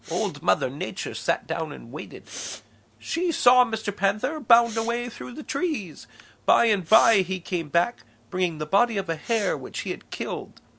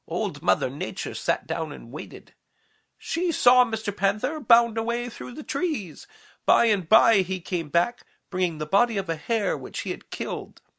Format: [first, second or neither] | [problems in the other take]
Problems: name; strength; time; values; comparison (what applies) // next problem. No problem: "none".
second | background sound (Respiratory sounds); 19 dB below the speech